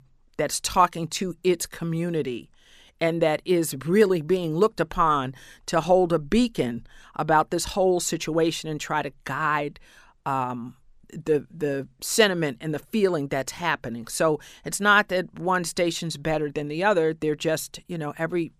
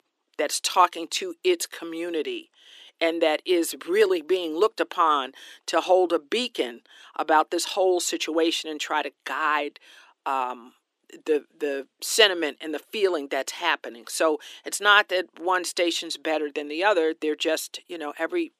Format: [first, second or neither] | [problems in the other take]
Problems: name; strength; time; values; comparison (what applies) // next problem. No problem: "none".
first | thin; somewhat; fading below 300 Hz